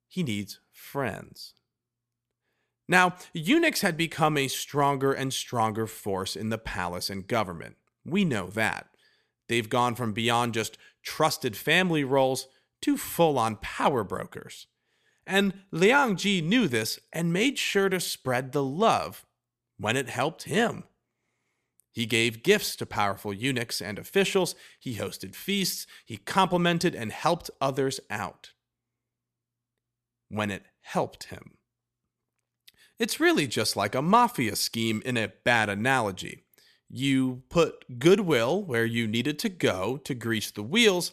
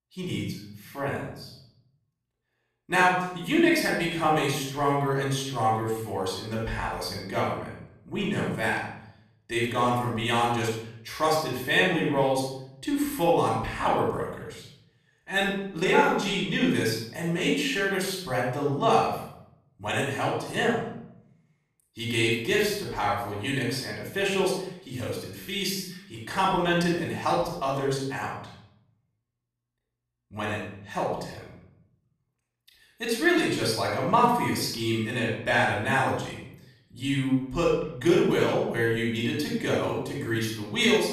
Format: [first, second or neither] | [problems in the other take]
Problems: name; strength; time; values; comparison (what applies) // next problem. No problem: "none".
first | room echo; noticeable; dies away in 0.7 s // off-mic speech; far